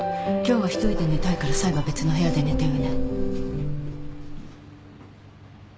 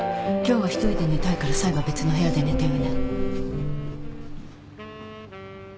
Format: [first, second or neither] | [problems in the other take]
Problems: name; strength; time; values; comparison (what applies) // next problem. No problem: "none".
first | background sound (Wind instrument, woodwind instrument); 16 dB below the speech